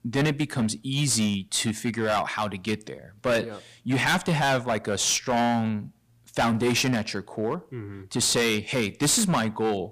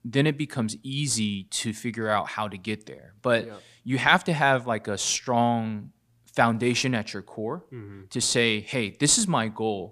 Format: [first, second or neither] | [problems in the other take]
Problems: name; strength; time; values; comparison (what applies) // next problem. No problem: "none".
second | distortion; heavy; 11% of the sound clipped